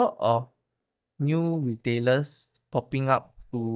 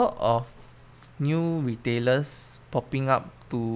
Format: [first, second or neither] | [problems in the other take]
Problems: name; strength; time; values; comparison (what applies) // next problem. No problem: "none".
second | noise reduction (neural mask model DeepFilterNet 3)